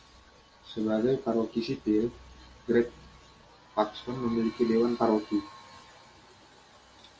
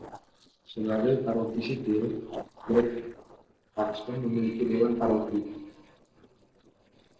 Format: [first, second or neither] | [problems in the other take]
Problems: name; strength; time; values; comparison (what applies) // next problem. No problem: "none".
first | noise reduction (neural separator model SepFormer DNS4)